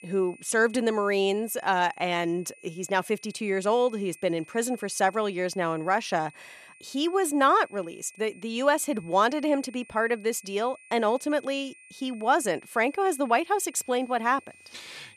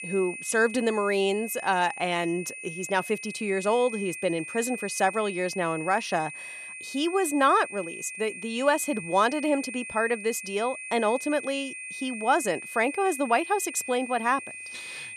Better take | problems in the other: first | high-pitched whine; loud; throughout; 2.5 kHz, 10 dB below the speech; faint in the first

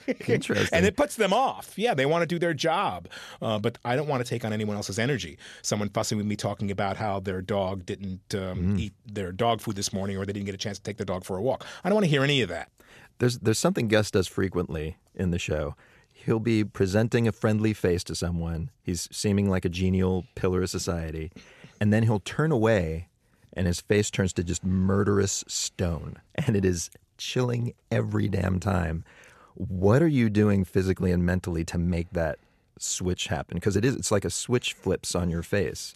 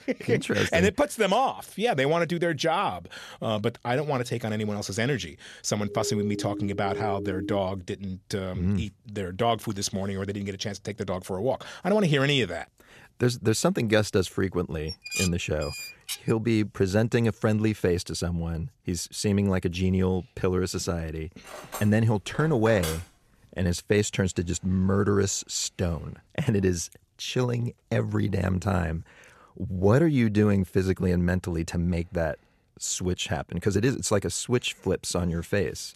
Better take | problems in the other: first | siren; noticeable; from 6 to 7.5 s; peak 6 dB below the speech // clattering dishes; noticeable; from 15 to 16 s and from 21 to 23 s; peak 2 dB below the speech

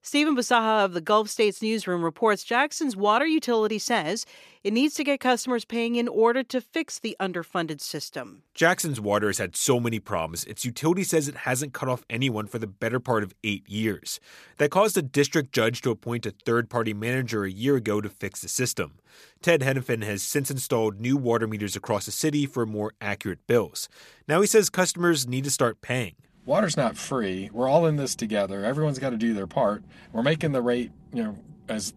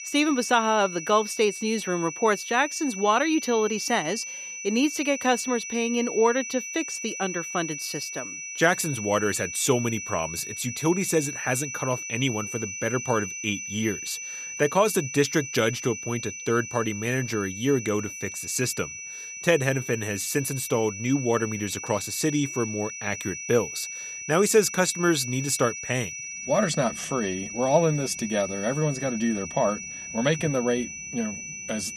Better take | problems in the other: first | high-pitched whine; loud; throughout; 6 kHz, 8 dB below the speech

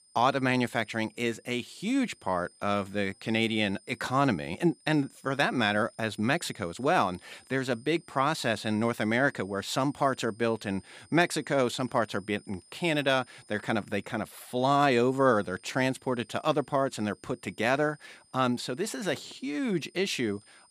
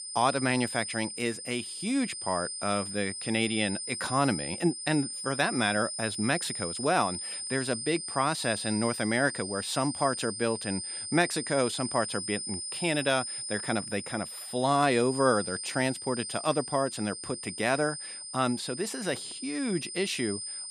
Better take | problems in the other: first | high-pitched whine; loud; throughout; 9 kHz, 6 dB below the speech; faint in the first

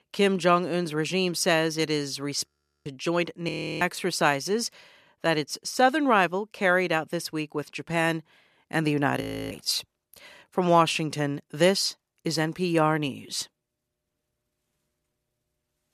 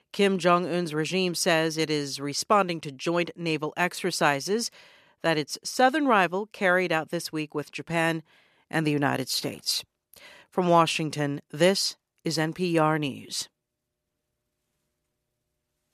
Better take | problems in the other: second | audio freezing; at 2.5 s, at 3.5 s and at 9 s

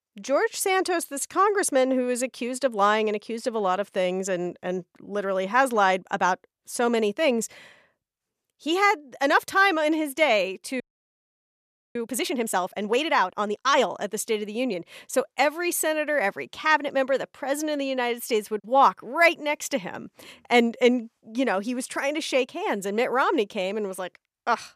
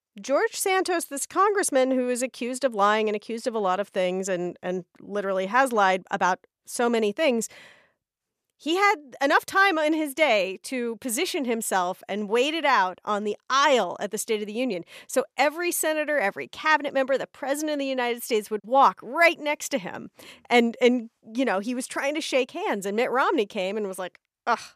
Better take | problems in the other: second | audio freezing; at 11 s for 1 s

